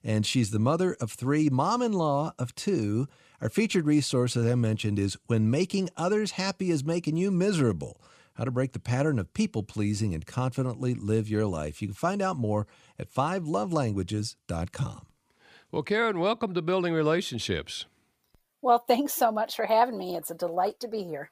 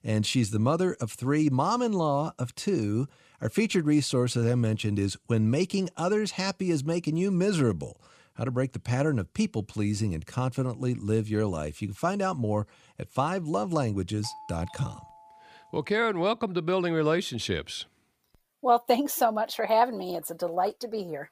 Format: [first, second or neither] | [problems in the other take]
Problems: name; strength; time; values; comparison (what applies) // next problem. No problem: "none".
first | doorbell; faint; from 14 to 16 s; peak 15 dB below the speech